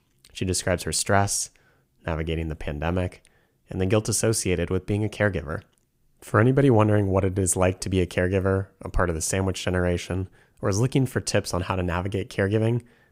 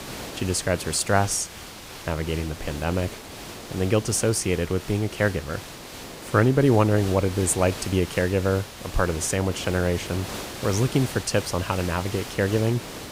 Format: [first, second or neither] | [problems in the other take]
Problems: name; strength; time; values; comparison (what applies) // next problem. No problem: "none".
first | hiss; noticeable; throughout; 10 dB below the speech